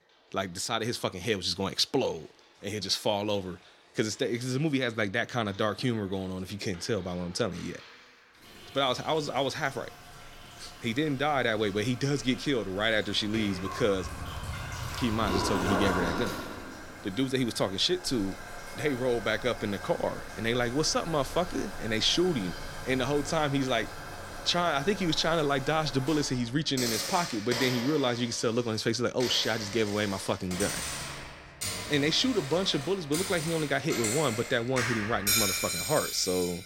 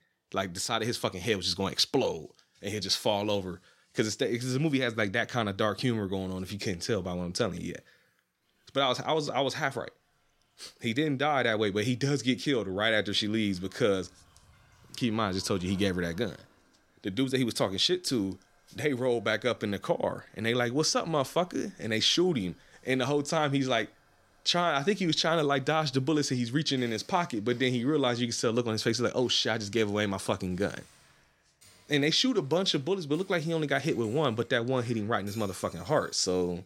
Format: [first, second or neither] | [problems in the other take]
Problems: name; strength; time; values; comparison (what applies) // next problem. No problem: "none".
second | household noises; loud; throughout; 6 dB below the speech; faint in the second